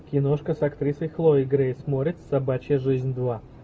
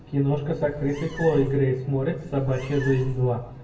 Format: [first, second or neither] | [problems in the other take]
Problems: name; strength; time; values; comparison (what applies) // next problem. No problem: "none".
first | background sound (Meow); 15 dB below the speech // room echo; dies away in 0.6 s